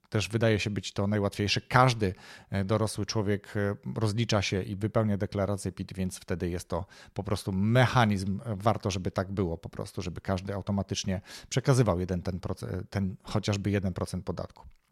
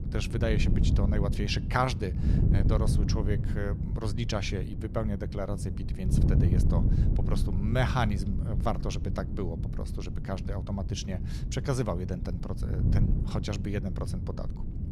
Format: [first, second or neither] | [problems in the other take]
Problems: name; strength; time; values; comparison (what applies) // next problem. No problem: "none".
first | wind noise on the microphone; heavy; 7 dB below the speech